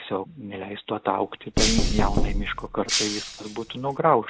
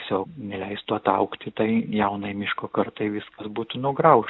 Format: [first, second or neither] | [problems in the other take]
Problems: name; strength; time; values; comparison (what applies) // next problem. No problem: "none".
second | background sound (Knock + Shatter); 2 dB above the speech